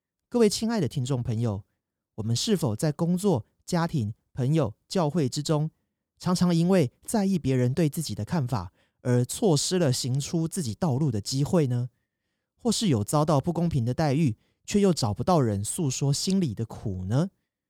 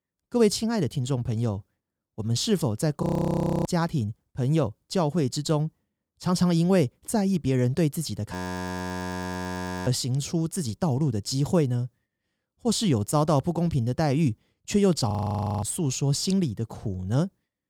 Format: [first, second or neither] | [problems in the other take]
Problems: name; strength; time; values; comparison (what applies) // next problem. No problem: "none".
first | audio freezing; at 3 s for 0.5 s, at 8.5 s for 1.5 s and at 15 s for 0.5 s